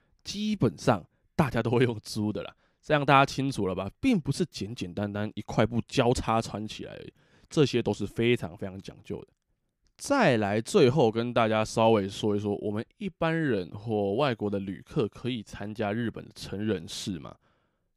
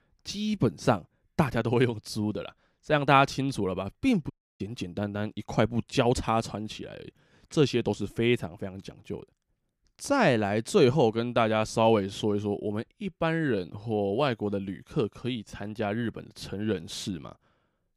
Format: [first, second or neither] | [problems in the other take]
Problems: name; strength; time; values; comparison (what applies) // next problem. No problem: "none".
first | audio cutting out; at 4.5 s